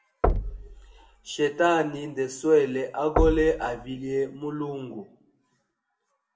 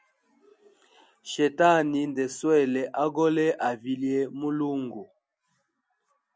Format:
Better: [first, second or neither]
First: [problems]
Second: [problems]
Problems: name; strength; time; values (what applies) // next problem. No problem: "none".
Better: second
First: background sound (Knock); 5 dB below the speech // room echo; dies away in 0.5 s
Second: none